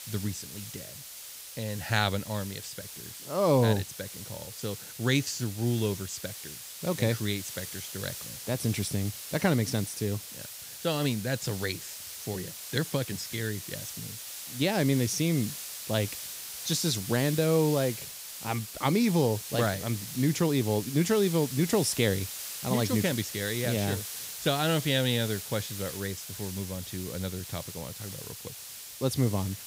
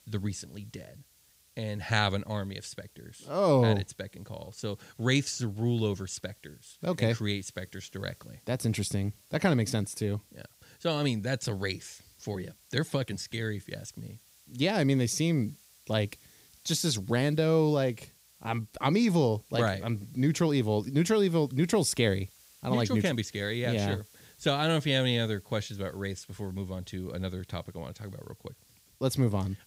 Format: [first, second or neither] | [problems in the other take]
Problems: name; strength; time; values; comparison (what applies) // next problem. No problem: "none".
second | hiss; loud; throughout; 9 dB below the speech; faint in the second